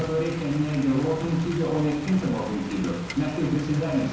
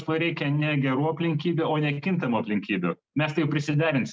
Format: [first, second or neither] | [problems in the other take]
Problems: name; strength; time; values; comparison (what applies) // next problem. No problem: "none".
second | background sound (Rain); 13 dB below the speech // room echo; dies away in 1 s